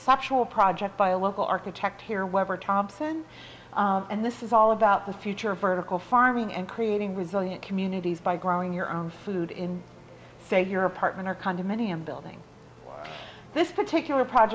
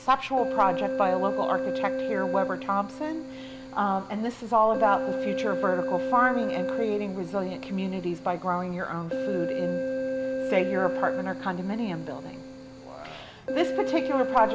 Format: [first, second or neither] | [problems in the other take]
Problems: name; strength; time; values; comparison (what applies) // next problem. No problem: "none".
first | background sound (Keyboard (musical)); 3 dB below the speech